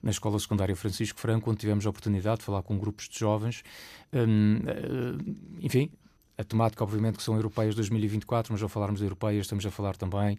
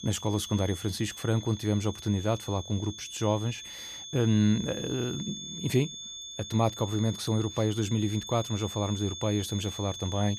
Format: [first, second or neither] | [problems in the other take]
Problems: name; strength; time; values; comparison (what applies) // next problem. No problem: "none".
first | high-pitched whine; loud; throughout; 3.5 kHz, 9 dB below the speech